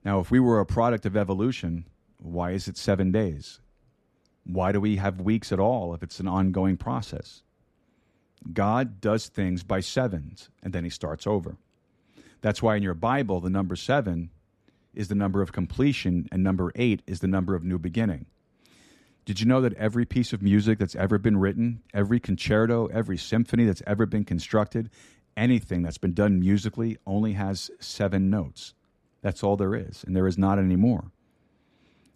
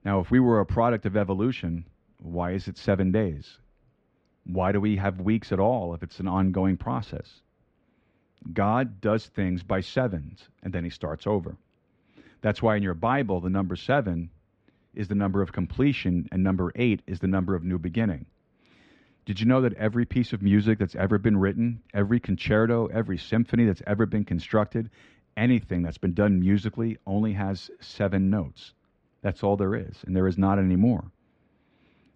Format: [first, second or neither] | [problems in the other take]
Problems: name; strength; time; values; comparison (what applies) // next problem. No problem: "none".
first | muffled; slightly; fading above 3 kHz